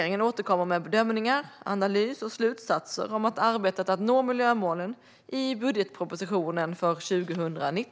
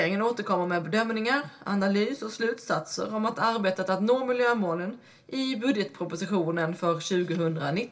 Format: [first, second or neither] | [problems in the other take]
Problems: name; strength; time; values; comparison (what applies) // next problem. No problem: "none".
first | room echo; dies away in 0.2 s